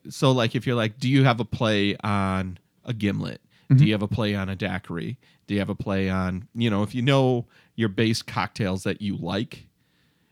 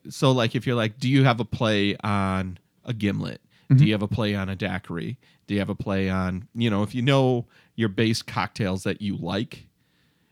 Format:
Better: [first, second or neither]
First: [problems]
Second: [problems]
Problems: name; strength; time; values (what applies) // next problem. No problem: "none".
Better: neither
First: none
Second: none